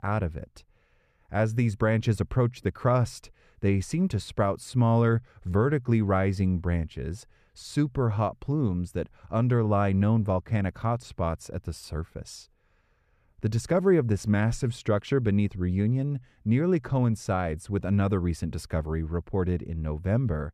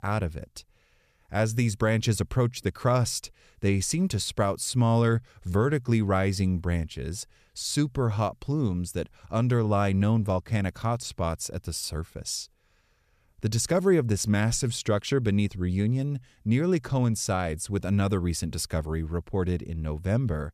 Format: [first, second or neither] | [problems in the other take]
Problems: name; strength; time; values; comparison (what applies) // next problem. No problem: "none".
second | muffled; slightly; fading above 3 kHz